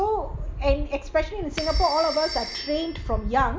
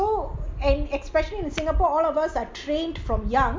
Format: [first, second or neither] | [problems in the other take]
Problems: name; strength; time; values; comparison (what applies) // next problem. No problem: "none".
second | background sound (Telephone); 13 dB below the speech